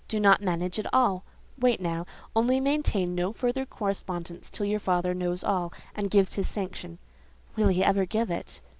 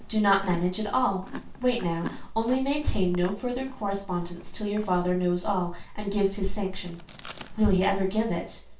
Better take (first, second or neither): first